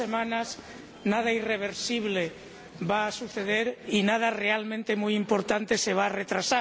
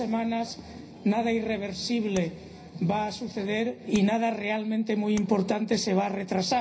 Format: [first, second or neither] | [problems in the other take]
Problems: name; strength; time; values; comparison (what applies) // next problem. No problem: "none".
first | background sound (Tap); 17 dB below the speech // room echo; dies away in 0.4 s